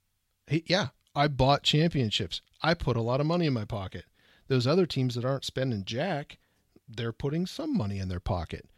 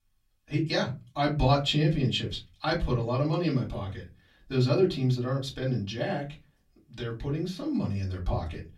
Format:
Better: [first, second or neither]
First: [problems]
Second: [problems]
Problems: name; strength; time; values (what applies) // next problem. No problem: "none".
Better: first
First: none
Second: off-mic speech; far // room echo; very slight; dies away in 0.3 s